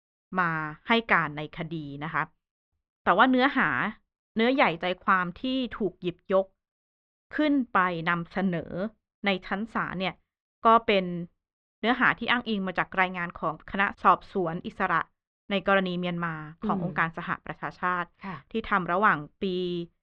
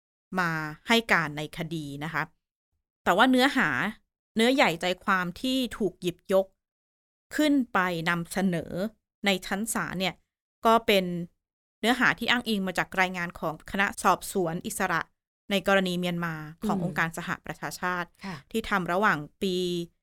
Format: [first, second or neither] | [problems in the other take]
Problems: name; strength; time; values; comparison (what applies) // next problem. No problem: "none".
second | muffled; slightly; fading above 3 kHz